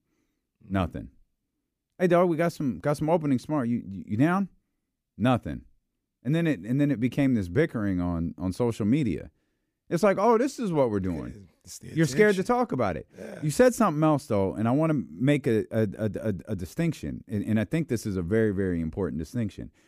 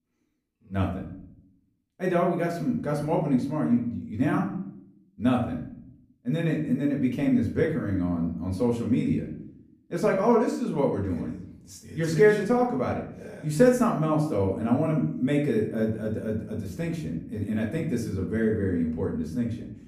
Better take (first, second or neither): first